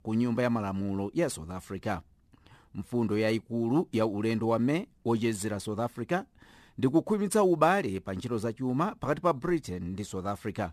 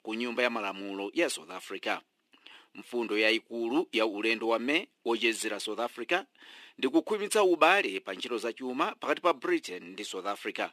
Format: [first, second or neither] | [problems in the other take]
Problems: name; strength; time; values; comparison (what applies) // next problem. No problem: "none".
first | thin; somewhat; fading below 300 Hz